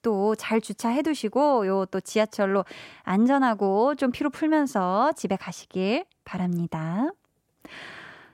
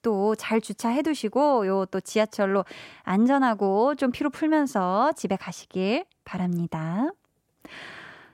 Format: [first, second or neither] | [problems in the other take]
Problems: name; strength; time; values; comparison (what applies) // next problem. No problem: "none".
neither | none